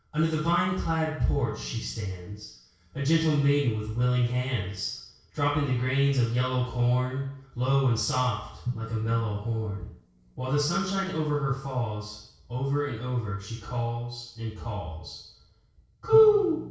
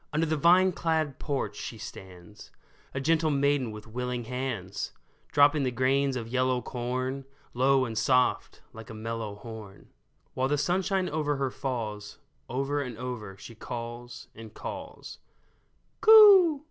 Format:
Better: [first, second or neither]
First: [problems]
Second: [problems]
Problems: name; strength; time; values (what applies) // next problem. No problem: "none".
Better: second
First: noise reduction (neural separator model SepFormer DNS4)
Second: none